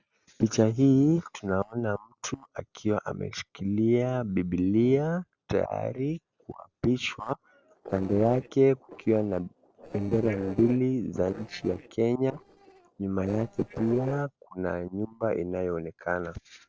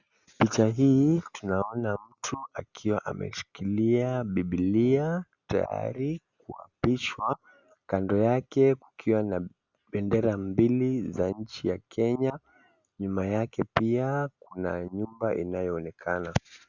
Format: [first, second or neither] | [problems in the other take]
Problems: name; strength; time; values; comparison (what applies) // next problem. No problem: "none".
second | noise reduction (neural separator model SepFormer DNS4)